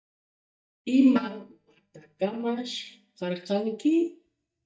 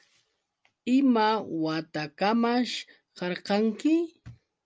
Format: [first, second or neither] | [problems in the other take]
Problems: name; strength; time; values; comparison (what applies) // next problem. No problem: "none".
second | noise reduction (neural mask model DeepFilterNet 3)